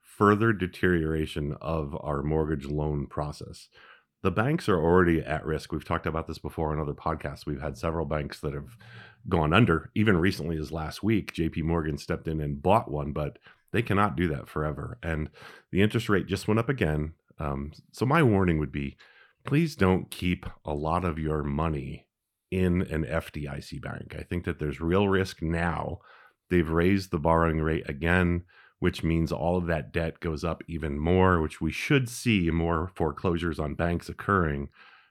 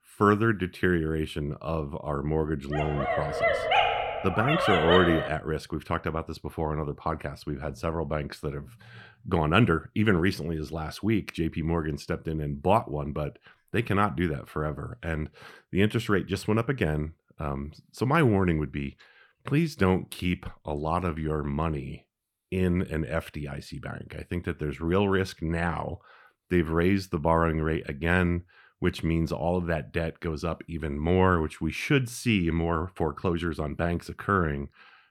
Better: first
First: none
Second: dog barking; loud; from 2.5 to 5.5 s; peak 5 dB above the speech

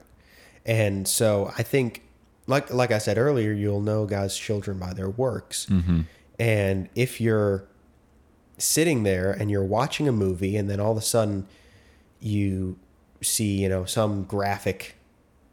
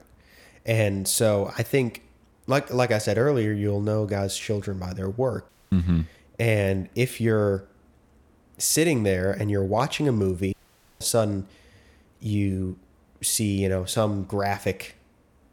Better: first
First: none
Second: audio cutting out; at 5.5 s and at 11 s

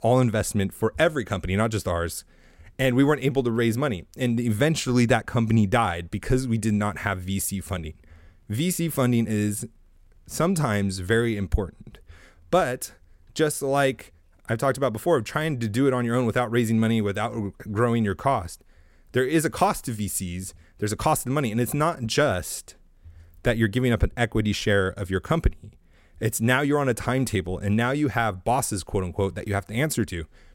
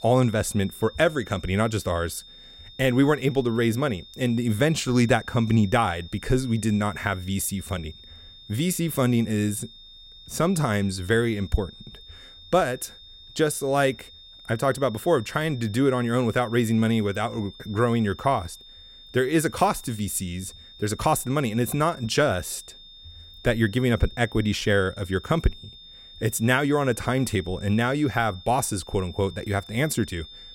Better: first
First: none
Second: high-pitched whine; noticeable; throughout; 3.5 kHz, 20 dB below the speech

